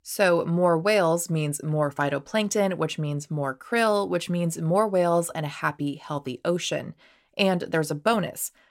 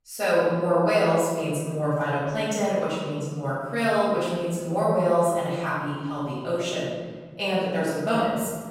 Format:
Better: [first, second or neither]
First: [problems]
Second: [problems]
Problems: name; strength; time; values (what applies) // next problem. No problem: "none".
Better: first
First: none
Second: off-mic speech; far // room echo; strong; dies away in 1.4 s